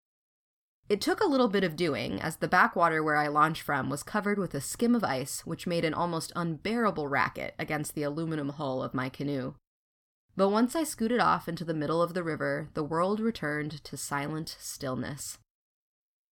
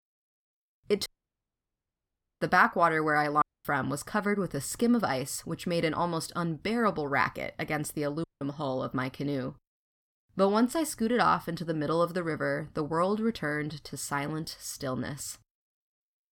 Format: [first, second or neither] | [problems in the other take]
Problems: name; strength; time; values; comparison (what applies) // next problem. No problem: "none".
first | audio cutting out; at 1 s for 1.5 s, at 3.5 s and at 8 s